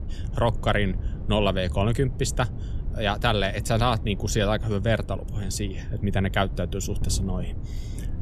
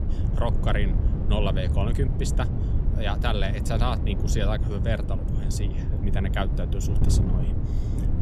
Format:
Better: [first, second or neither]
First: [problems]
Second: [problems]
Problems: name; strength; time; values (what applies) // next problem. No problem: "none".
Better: first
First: wind noise on the microphone; occasional gusts; 20 dB below the speech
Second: wind noise on the microphone; heavy; 6 dB below the speech